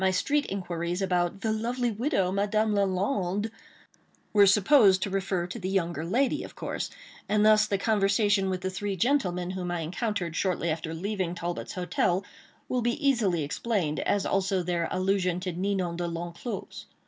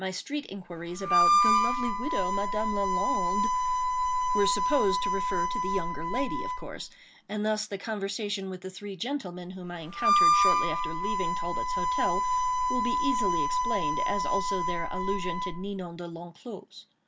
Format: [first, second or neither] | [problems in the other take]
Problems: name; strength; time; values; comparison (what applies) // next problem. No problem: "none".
first | background sound (Harmonica); 5 dB above the speech